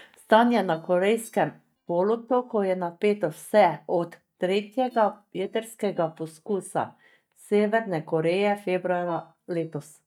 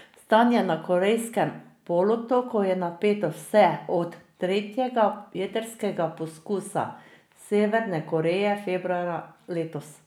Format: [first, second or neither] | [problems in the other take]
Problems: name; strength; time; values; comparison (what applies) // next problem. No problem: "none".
second | noise reduction (neural mask model DeepFilterNet 3)